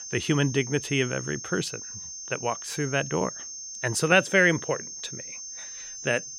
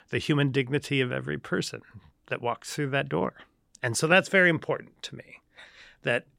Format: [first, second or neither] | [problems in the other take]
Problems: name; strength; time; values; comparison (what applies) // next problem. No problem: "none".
second | high-pitched whine; loud; throughout; 6.5 kHz, 10 dB below the speech